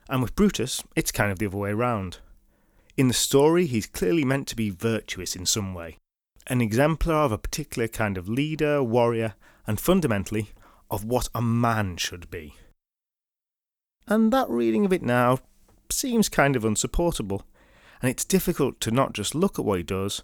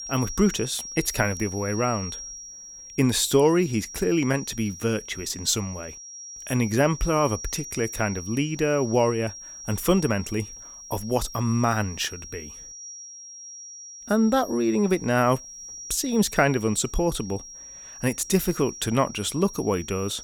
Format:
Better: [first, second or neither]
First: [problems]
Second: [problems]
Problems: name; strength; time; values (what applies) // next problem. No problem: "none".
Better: first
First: none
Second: high-pitched whine; noticeable; throughout; 5.5 kHz, 15 dB below the speech